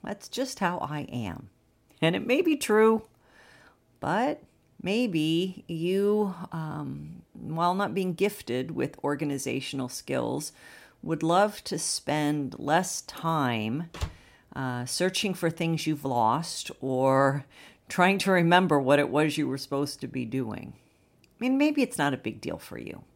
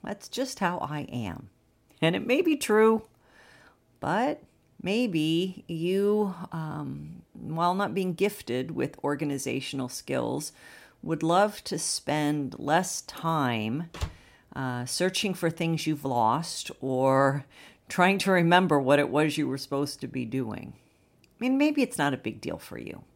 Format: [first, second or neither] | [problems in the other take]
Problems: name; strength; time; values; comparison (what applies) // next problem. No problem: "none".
neither | door banging; faint; at 14 s; peak 10 dB below the speech; the same in both